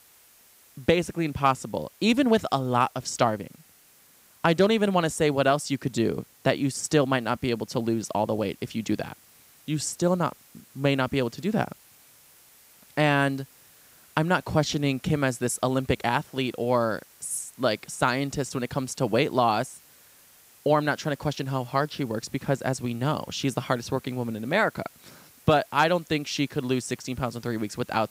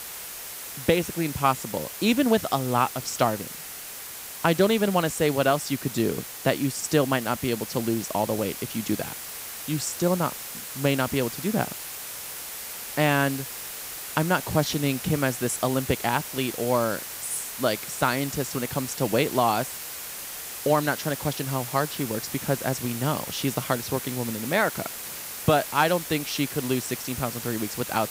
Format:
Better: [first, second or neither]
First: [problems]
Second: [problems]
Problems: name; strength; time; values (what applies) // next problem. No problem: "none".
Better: first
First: hiss; faint; throughout; 25 dB below the speech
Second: hiss; loud; throughout; 8 dB below the speech